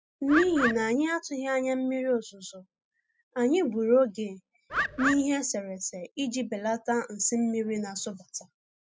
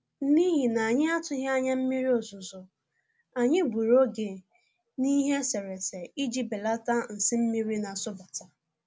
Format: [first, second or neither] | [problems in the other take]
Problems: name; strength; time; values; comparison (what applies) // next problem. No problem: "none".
second | noise reduction (classical method spectral subtraction)